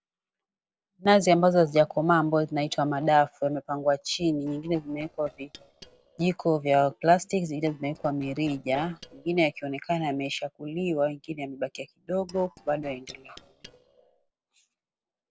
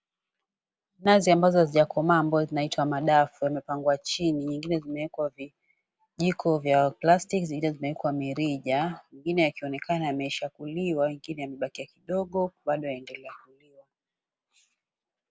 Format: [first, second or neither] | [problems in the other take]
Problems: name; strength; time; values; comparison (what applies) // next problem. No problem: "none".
second | noise reduction (neural separator model SepFormer DNS4)